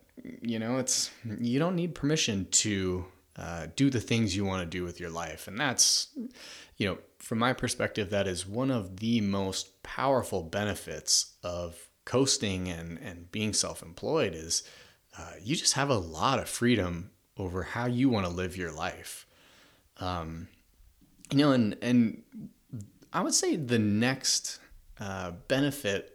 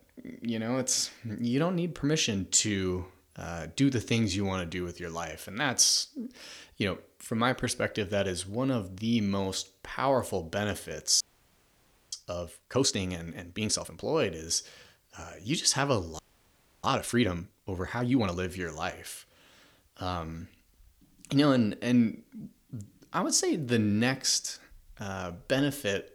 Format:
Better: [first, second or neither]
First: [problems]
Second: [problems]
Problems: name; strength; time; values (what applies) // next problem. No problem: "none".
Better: first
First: none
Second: audio freezing; at 11 s for 1 s and at 16 s for 0.5 s